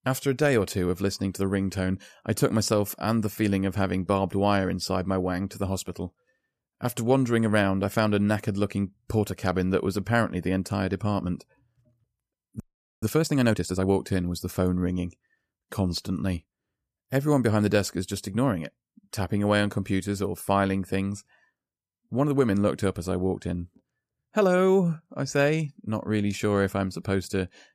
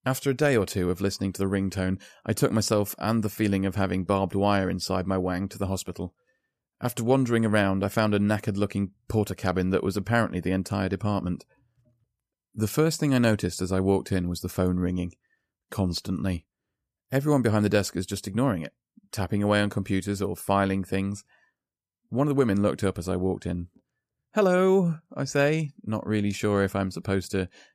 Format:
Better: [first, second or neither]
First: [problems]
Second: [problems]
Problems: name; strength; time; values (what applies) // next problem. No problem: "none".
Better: second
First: audio freezing; at 13 s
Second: none